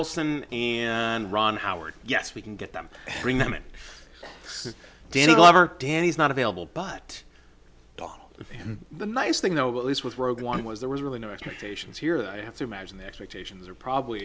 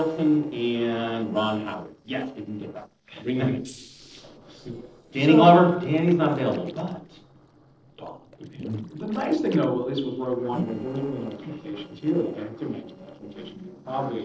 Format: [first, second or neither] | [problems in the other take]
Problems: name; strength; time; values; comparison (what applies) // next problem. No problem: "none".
first | noise reduction (neural separator model SepFormer DNS4)